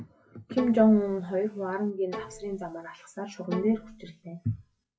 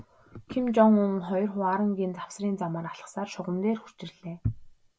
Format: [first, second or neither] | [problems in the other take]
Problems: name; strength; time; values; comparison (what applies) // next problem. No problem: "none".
second | noise reduction (classical method WPE with log-MMSE)